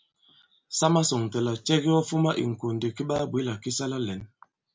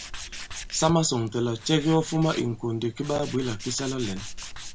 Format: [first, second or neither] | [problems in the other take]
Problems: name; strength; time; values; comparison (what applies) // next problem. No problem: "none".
first | background sound (Tools); 12 dB below the speech